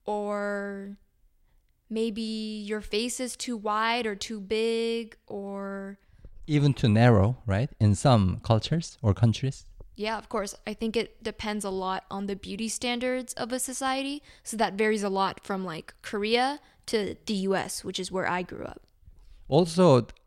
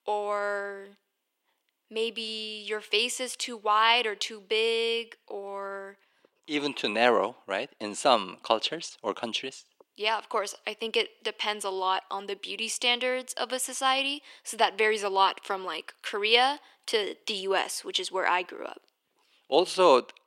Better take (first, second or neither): first